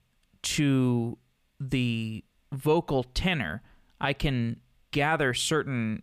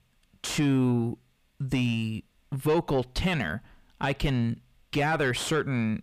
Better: first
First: none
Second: distortion; slight; 10 dB below the speech

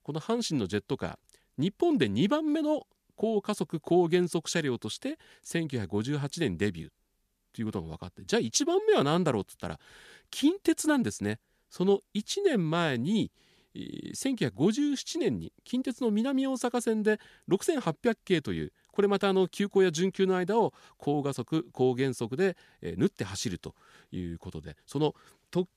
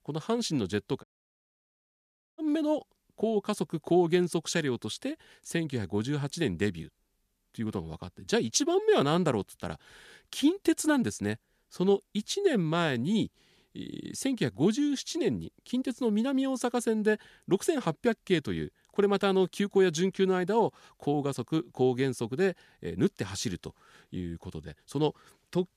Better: first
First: none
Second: audio cutting out; at 1 s for 1.5 s

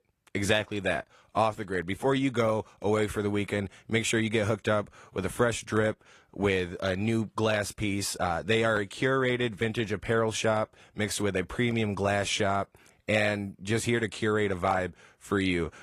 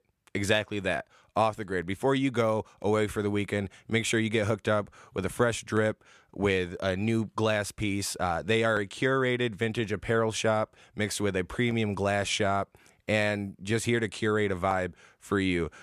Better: second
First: garbled, watery; slightly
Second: none

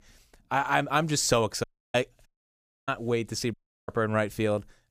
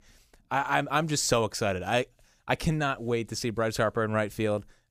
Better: second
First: audio cutting out; at 1.5 s, at 2.5 s for 0.5 s and at 3.5 s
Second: none

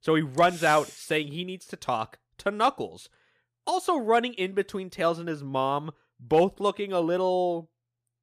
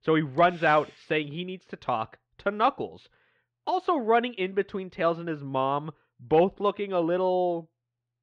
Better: first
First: none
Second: muffled; slightly; fading above 3 kHz

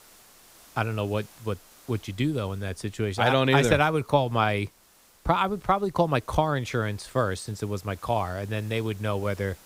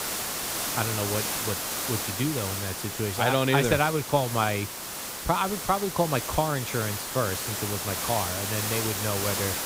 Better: first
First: hiss; faint; throughout; 25 dB below the speech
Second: hiss; loud; throughout; 2 dB below the speech

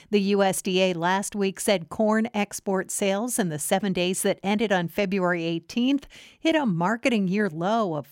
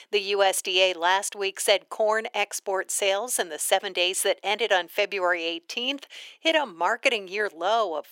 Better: first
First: none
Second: thin; very; fading below 400 Hz

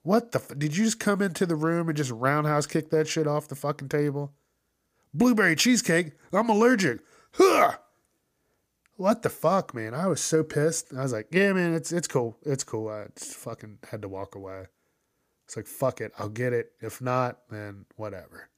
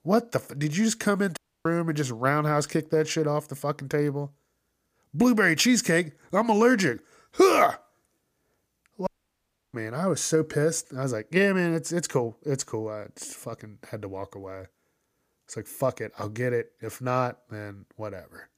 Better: first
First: none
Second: audio cutting out; at 1.5 s and at 9 s for 0.5 s

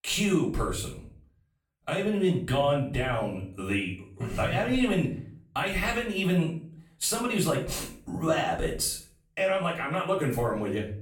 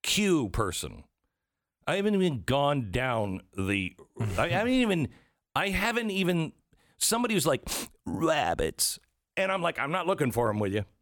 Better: second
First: off-mic speech; far // room echo; slight; dies away in 0.5 s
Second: none

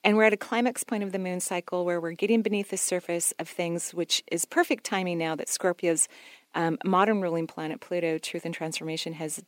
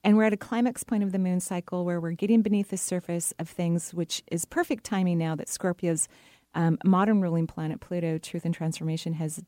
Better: second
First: thin; somewhat; fading below 400 Hz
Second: none

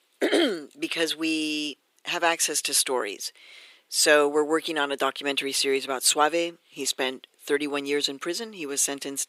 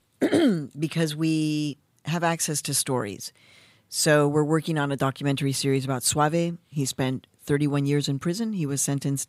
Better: second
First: thin; somewhat; fading below 350 Hz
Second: none

